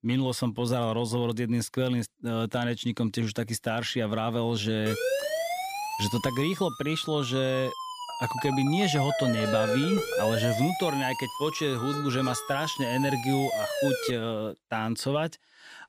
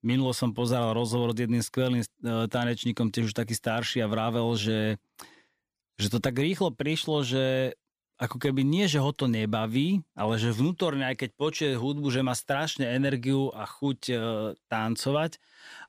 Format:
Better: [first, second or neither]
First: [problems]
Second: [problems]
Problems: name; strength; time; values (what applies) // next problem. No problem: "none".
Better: second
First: siren; loud; from 5 to 14 s; peak 1 dB above the speech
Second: none